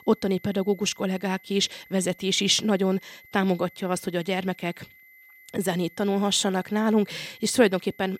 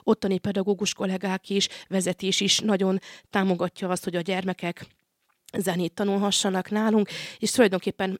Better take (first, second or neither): second